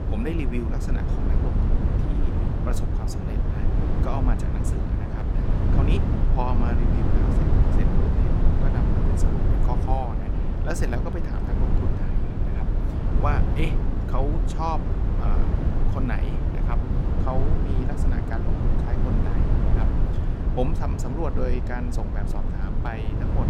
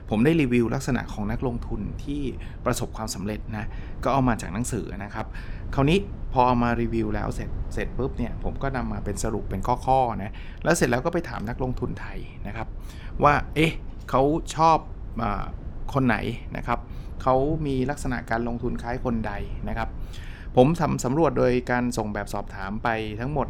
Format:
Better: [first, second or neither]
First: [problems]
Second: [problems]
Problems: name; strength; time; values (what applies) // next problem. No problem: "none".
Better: second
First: low rumble; loud; throughout; 1 dB below the speech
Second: low rumble; faint; throughout; 25 dB below the speech